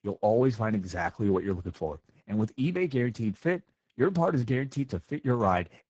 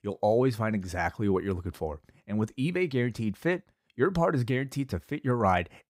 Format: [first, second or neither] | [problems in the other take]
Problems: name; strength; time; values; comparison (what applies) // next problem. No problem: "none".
second | garbled, watery; badly; nothing above 7.5 kHz